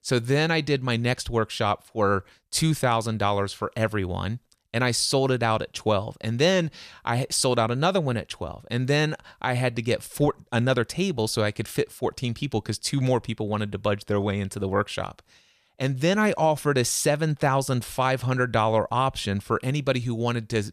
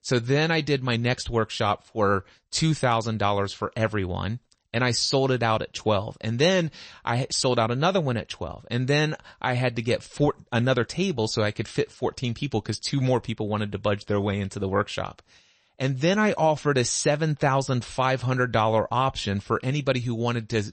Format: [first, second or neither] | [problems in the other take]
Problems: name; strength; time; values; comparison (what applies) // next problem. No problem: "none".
first | garbled, watery; slightly; nothing above 8 kHz